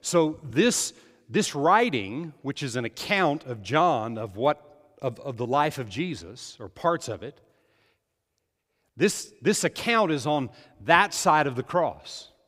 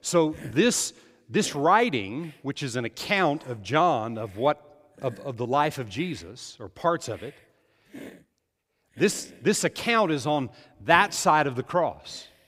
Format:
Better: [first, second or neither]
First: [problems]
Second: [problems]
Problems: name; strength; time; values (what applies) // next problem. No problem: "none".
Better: first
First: none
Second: hiss; faint; throughout; 25 dB below the speech